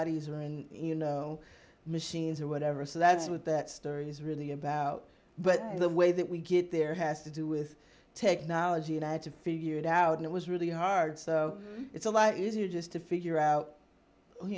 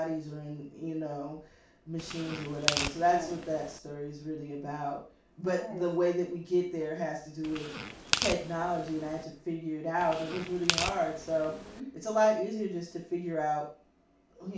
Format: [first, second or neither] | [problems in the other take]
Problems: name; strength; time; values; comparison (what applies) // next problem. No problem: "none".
first | background sound (Tearing); 3 dB below the speech // room echo; dies away in 0.3 s